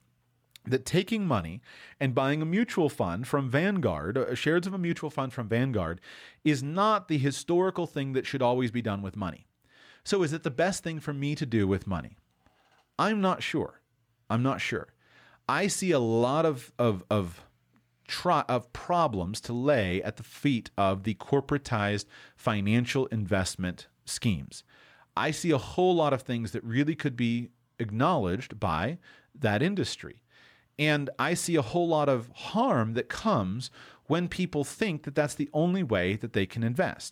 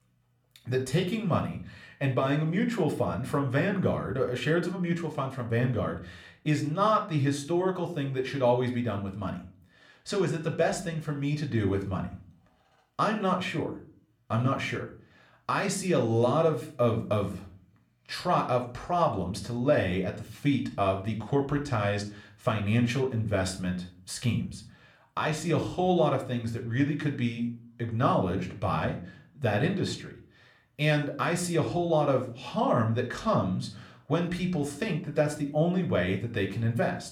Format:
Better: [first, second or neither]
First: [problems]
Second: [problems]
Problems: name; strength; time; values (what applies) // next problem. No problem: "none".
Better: first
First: none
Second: room echo; slight; dies away in 0.4 s